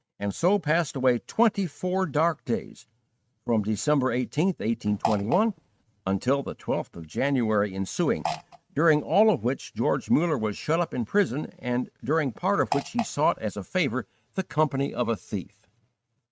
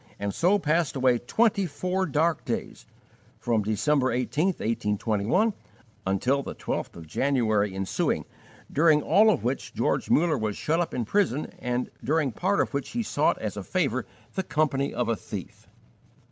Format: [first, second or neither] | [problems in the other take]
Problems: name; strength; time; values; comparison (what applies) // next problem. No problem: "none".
second | noise reduction (neural mask model RNNoise)